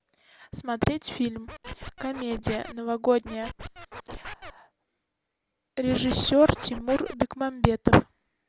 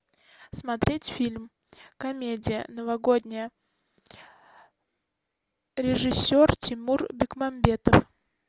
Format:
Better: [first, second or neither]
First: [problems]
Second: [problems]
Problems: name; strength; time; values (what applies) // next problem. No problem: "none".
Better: second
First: background sound (Scratching (performance technique)); 13 dB below the speech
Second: none